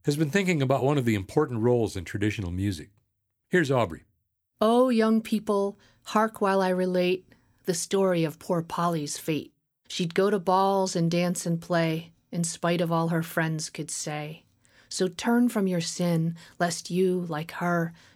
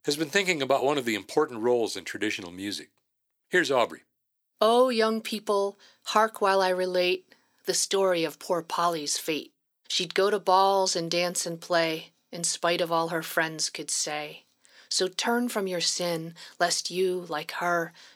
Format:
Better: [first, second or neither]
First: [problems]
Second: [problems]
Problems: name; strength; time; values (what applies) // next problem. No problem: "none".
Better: first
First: none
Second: thin; somewhat; fading below 400 Hz